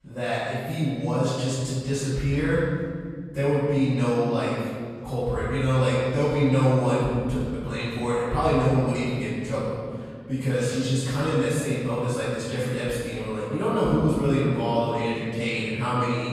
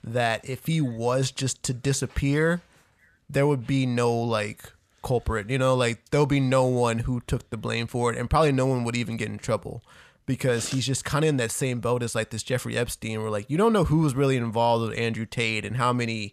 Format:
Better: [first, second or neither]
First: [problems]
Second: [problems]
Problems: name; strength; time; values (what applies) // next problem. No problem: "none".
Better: second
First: room echo; strong; dies away in 2 s // off-mic speech; far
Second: none